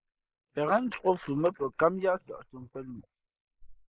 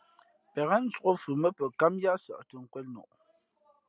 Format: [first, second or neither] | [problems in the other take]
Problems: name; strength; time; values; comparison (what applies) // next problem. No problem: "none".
second | noise reduction (neural mask model Resemble Enhance denoiser)